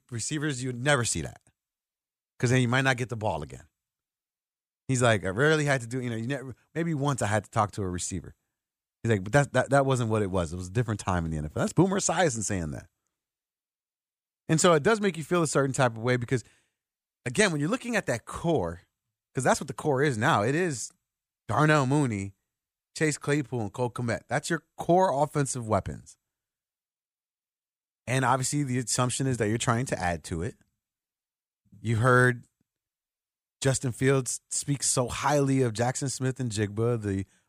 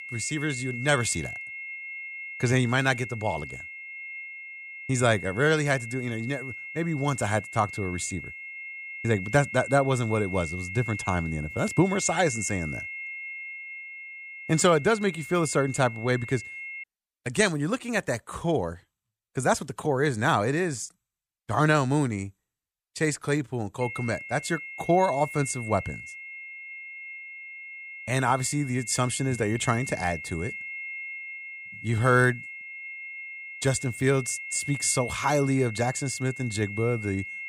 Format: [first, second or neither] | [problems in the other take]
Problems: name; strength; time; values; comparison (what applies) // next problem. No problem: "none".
first | high-pitched whine; noticeable; until 17 s and from 24 s on; 2 kHz, 10 dB below the speech